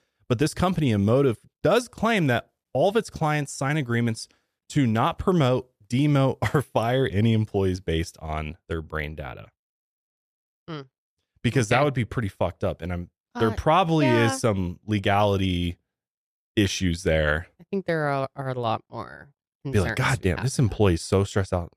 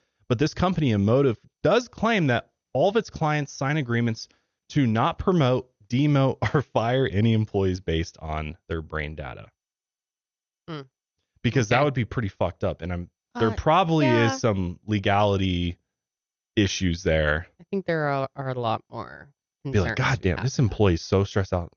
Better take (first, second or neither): first